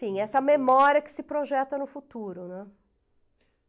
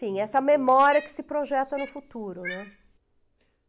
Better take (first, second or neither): first